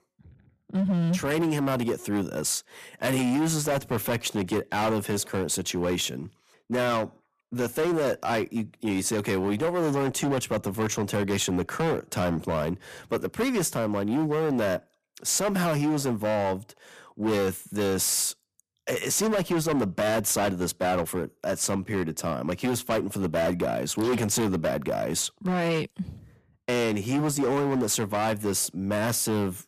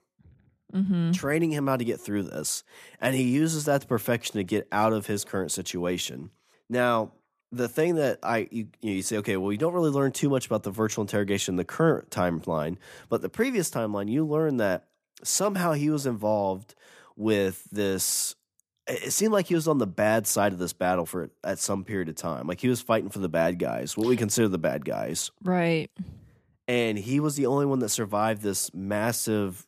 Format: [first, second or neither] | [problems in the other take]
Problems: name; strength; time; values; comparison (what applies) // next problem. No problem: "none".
second | distortion; heavy; 16% of the sound clipped